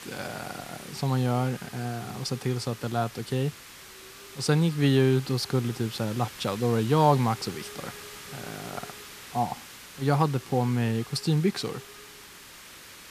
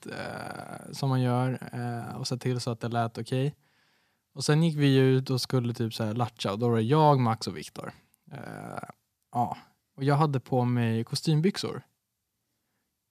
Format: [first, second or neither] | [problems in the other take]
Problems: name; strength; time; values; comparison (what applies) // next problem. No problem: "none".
second | hiss; noticeable; throughout; 15 dB below the speech